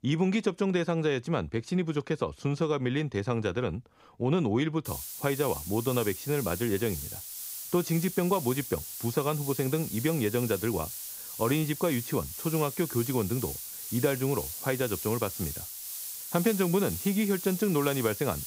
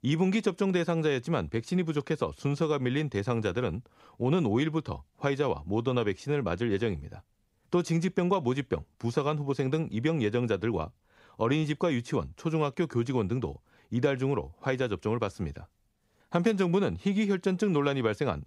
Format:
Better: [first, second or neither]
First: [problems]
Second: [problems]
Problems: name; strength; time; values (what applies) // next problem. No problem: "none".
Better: second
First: hiss; loud; from 5 s on; 7 dB below the speech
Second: none